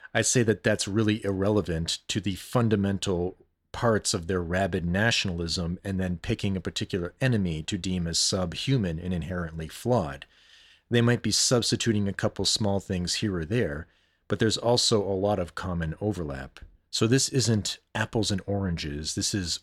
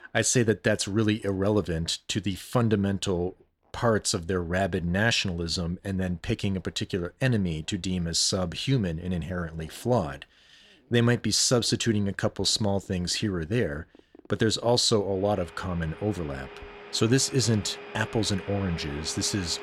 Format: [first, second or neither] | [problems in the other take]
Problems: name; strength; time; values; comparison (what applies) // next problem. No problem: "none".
first | household noises; noticeable; throughout; 20 dB below the speech